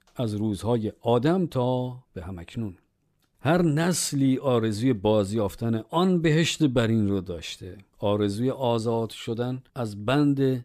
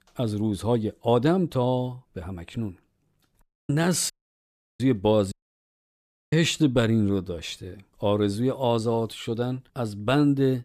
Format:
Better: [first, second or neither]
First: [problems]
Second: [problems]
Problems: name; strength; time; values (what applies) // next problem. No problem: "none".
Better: first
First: none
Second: audio cutting out; at 3.5 s, at 4 s for 0.5 s and at 5.5 s for 1 s